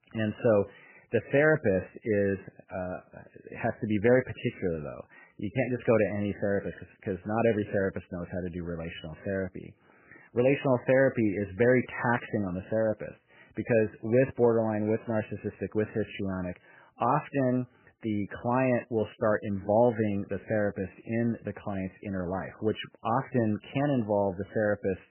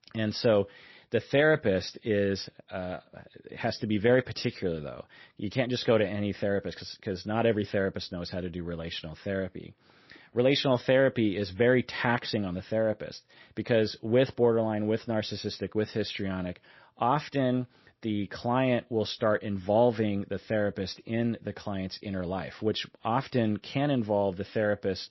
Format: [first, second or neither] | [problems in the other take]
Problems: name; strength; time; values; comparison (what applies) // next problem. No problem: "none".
second | garbled, watery; badly; nothing above 3 kHz; slightly in the second